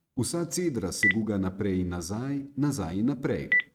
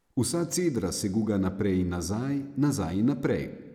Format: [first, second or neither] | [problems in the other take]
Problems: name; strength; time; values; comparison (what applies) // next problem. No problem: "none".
second | noise reduction (neural mask model RNNoise)